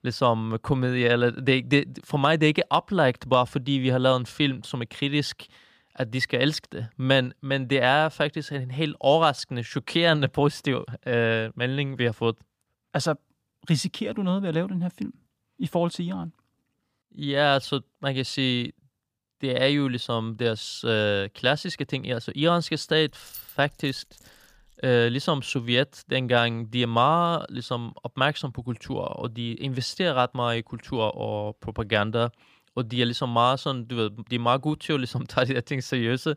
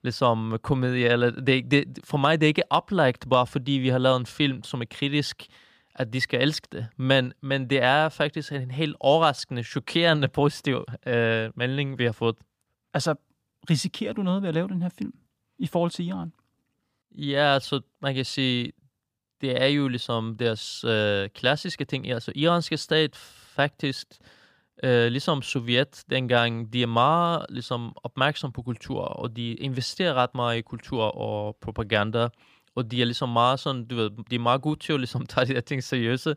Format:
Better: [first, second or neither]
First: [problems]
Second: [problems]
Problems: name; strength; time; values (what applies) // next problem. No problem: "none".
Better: second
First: jangling keys; faint; from 23 to 25 s; peak 15 dB below the speech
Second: none